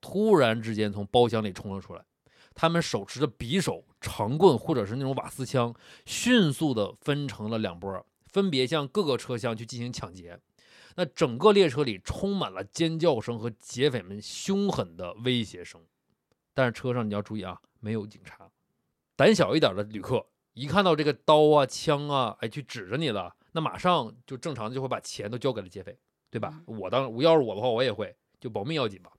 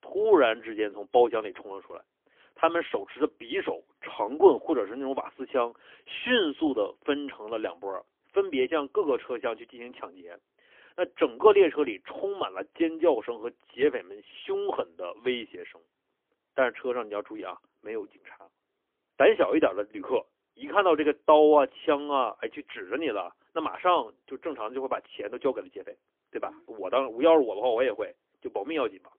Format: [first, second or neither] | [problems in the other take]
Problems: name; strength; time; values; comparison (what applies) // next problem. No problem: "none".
first | phone-call audio; poor line; nothing above 3.5 kHz